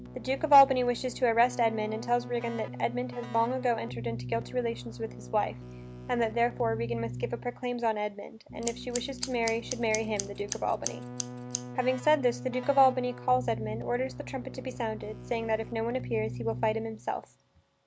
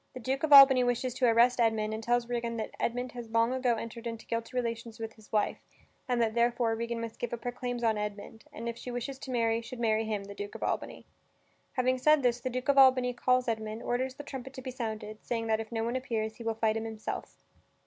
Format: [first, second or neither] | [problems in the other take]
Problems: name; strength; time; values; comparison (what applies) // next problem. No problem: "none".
second | background sound (Keyboard (musical) + Scissors); 10 dB below the speech